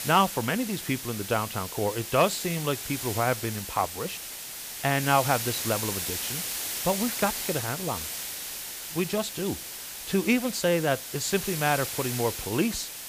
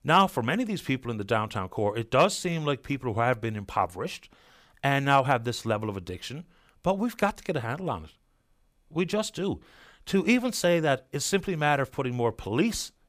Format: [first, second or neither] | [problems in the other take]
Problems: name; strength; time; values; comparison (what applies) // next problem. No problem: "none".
second | hiss; loud; throughout; 4 dB below the speech